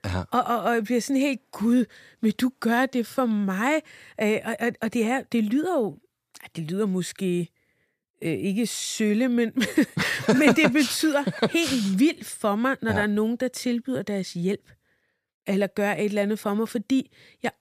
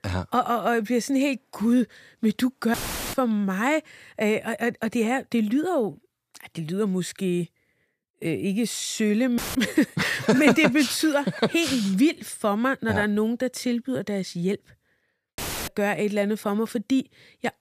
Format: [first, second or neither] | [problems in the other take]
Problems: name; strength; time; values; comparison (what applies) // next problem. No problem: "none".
first | audio cutting out; filled with static; at 2.5 s, at 9.5 s and at 15 s